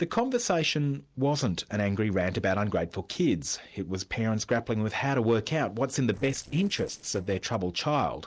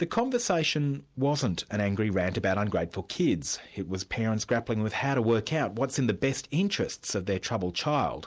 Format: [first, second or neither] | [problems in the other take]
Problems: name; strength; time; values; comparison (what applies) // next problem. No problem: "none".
second | noise reduction (neural separator model SepFormer DNS4)